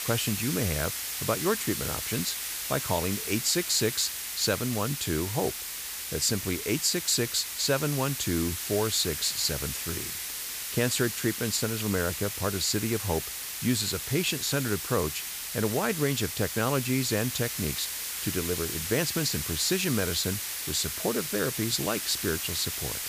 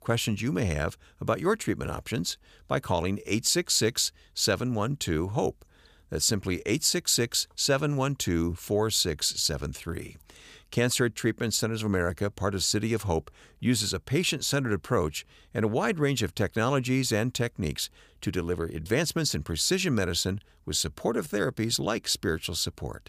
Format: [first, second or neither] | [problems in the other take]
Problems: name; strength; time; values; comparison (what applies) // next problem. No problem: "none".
second | hiss; loud; throughout; 3 dB below the speech